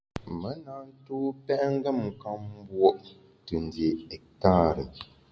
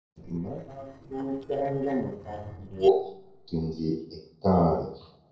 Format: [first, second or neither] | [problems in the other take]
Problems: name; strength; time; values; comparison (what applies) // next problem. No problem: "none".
first | noise reduction (neural separator model SepFormer DNS4)